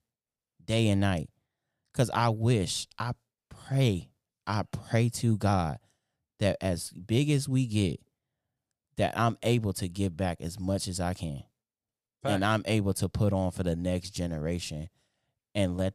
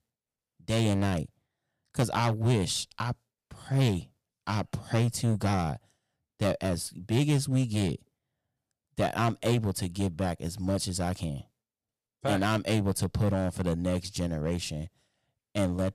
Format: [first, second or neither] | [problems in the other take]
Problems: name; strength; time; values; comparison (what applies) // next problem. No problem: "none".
first | distortion; slight; 6% of the sound clipped